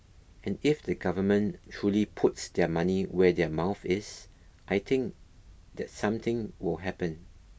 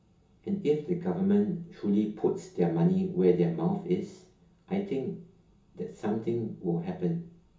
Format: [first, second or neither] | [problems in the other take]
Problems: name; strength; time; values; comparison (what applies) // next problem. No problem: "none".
first | room echo; dies away in 0.7 s